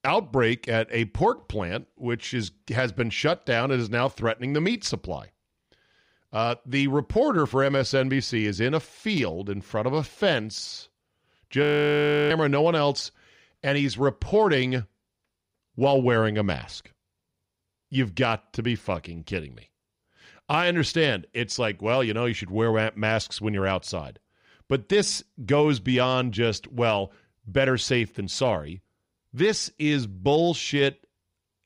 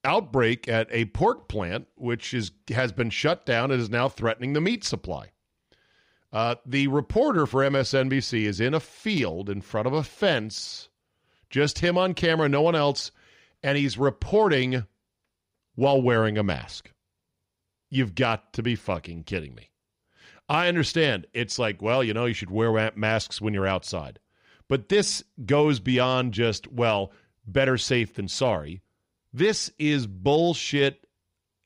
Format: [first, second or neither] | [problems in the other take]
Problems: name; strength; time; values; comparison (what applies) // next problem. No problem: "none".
second | audio freezing; at 12 s for 0.5 s